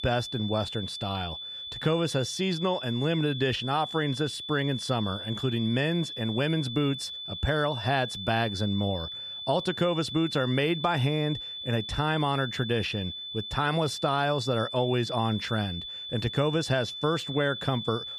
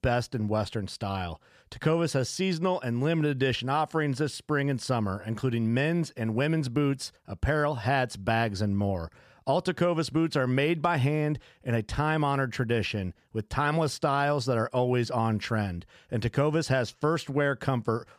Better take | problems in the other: second | high-pitched whine; loud; throughout; 3.5 kHz, 7 dB below the speech

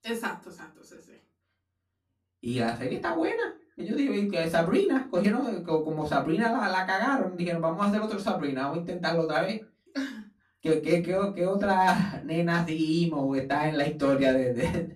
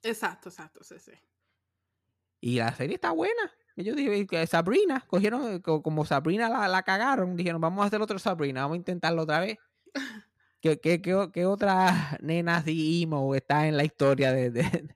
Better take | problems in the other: second | off-mic speech; far // room echo; very slight; dies away in 0.2 s

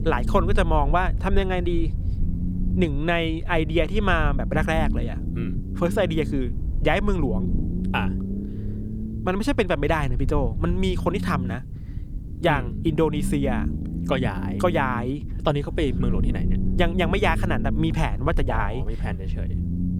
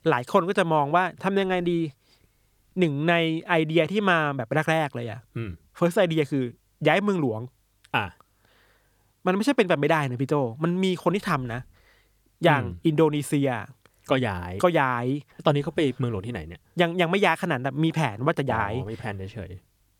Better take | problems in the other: second | low rumble; noticeable; throughout; 15 dB below the speech

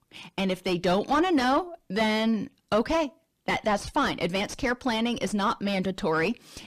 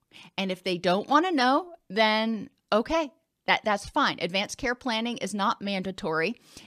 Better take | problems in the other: second | distortion; heavy; 6 dB below the speech

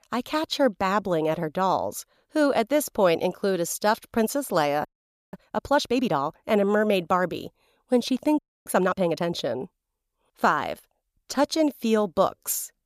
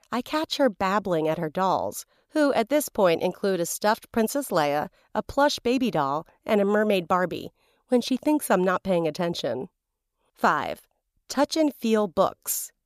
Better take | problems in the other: second | audio freezing; at 5 s and at 8.5 s

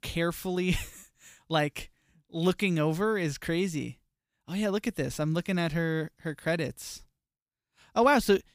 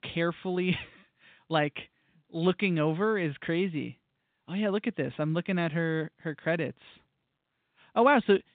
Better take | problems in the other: first | phone-call audio; nothing above 4 kHz

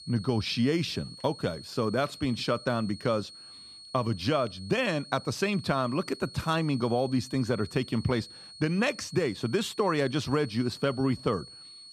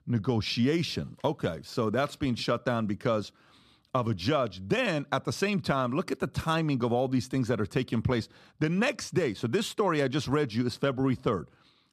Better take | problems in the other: second | high-pitched whine; noticeable; throughout; 4.5 kHz, 15 dB below the speech

